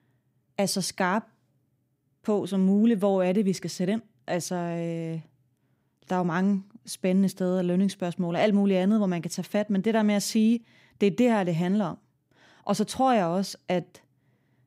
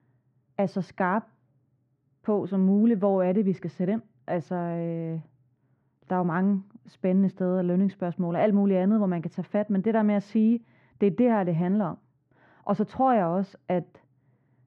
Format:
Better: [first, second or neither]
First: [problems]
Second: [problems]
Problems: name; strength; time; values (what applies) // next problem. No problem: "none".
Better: first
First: none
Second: muffled; very; fading above 1.5 kHz